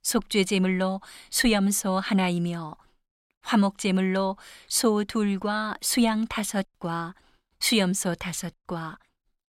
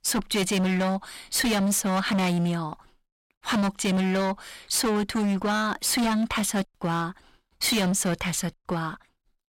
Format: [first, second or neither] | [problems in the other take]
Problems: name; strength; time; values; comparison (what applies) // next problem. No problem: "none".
first | distortion; heavy; 22% of the sound clipped